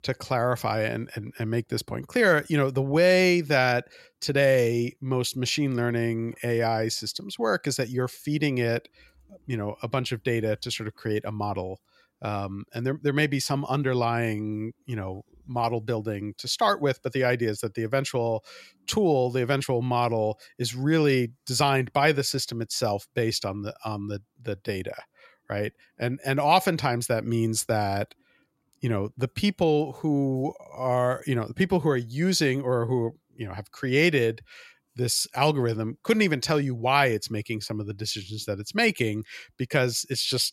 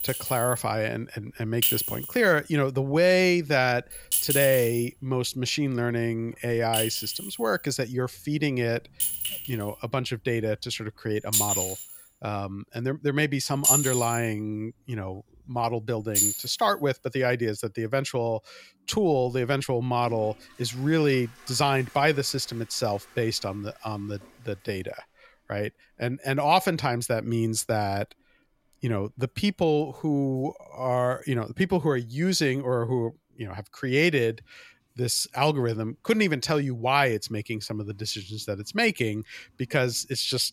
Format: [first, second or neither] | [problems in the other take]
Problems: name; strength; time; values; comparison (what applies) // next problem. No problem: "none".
first | household noises; very loud; throughout; as loud as the speech